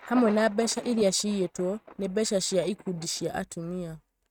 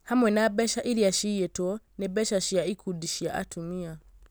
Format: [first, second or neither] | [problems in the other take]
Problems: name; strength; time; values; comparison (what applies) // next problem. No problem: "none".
second | noise reduction (neural mask model RNNoise)